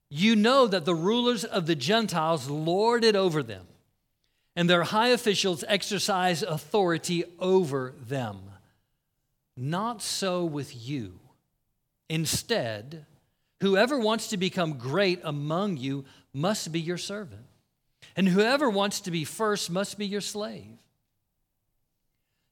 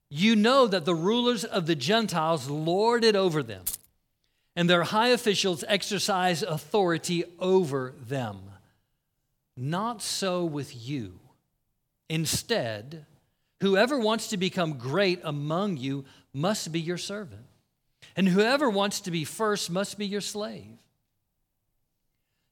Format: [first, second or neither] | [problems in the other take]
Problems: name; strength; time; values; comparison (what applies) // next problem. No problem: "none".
first | jangling keys; noticeable; at 3.5 s; peak 7 dB below the speech